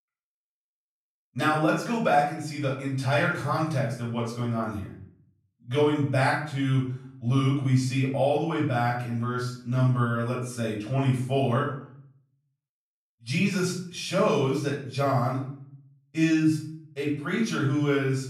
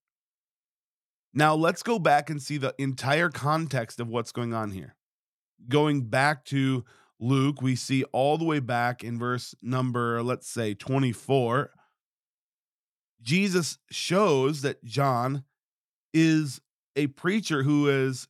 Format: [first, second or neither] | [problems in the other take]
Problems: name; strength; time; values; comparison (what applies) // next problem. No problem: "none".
second | room echo; noticeable; dies away in 0.5 s // off-mic speech; far